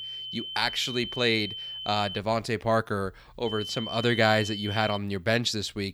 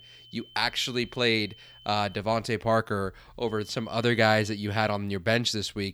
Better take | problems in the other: second | high-pitched whine; loud; until 2 s and from 3.5 to 5 s; 3 kHz, 8 dB below the speech; faint in the second

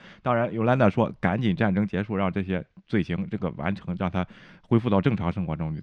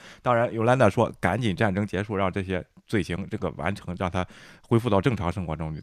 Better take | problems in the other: second | muffled; very slightly; fading above 3 kHz

